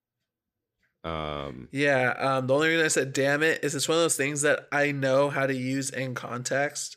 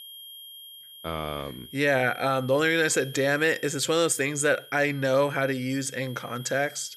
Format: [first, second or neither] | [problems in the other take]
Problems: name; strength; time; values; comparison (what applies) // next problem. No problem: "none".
first | high-pitched whine; noticeable; throughout; 3 kHz, 20 dB below the speech